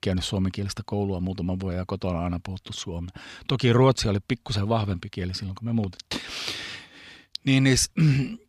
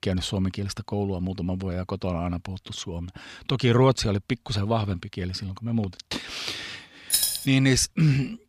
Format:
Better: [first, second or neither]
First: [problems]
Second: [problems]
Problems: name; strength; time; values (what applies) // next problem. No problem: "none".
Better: first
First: none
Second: jangling keys; loud; at 7 s; peak 4 dB above the speech